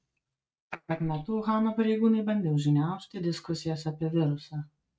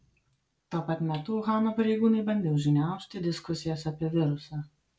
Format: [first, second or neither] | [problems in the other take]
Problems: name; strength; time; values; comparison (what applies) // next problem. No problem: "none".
second | noise reduction (neural mask model RNNoise)